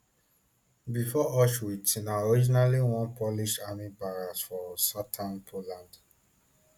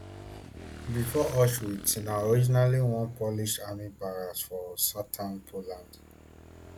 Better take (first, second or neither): first